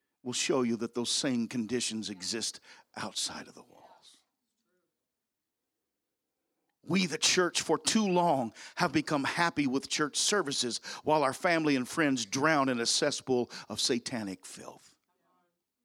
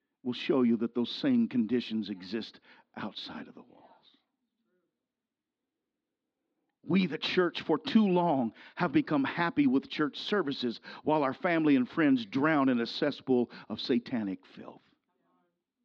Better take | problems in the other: first | muffled; slightly; fading above 4 kHz

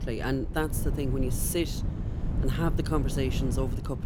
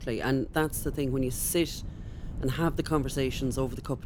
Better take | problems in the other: second | wind noise on the microphone; heavy; 9 dB below the speech; occasional gusts in the second

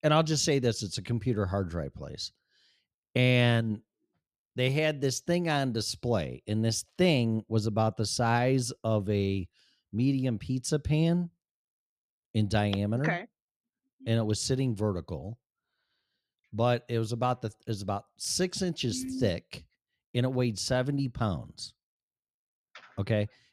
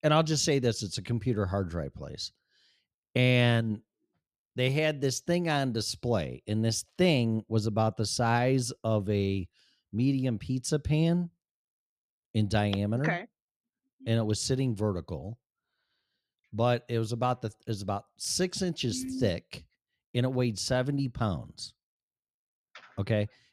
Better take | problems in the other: neither | none

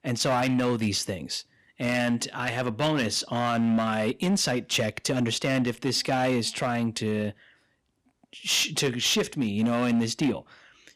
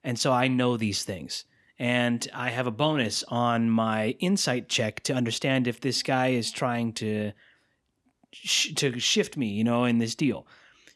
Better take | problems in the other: second | distortion; slight; 7% of the sound clipped

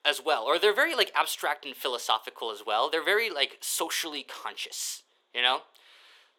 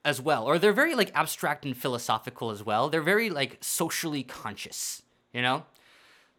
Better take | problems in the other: second | thin; very; fading below 400 Hz

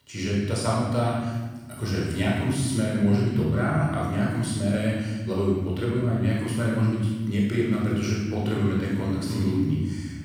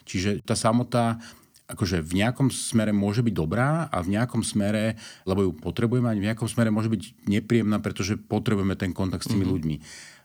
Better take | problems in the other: second | off-mic speech; far // room echo; strong; dies away in 1.3 s

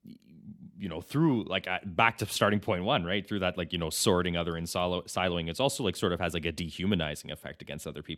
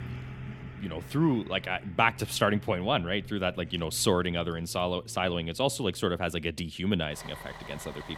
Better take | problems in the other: first | traffic noise; noticeable; throughout; 15 dB below the speech

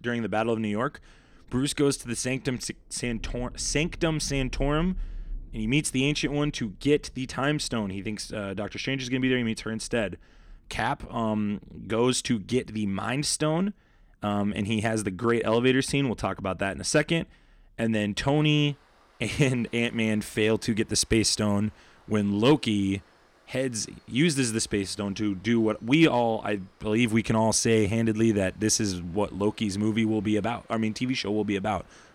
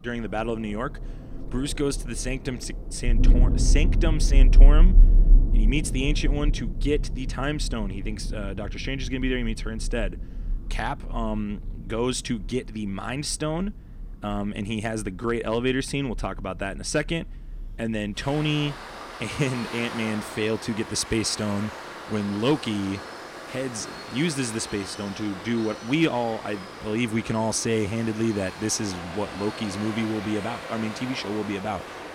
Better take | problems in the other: first | rain or running water; loud; throughout; 1 dB below the speech; faint in the first

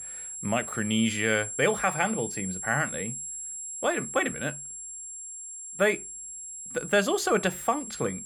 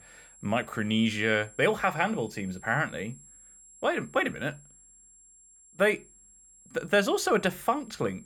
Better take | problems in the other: second | high-pitched whine; loud; throughout; 7.5 kHz, 7 dB below the speech; faint in the second

